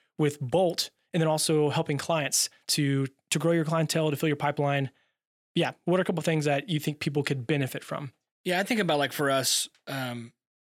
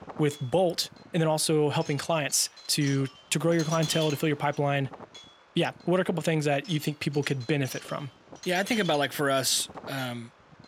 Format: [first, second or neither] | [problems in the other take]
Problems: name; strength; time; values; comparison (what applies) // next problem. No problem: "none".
first | wind noise on the microphone; occasional gusts; 15 dB below the speech